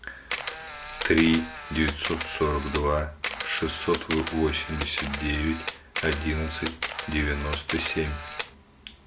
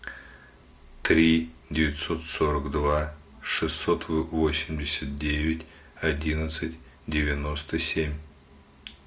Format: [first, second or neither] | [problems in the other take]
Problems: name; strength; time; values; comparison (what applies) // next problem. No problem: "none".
second | background sound (Camera); 7 dB below the speech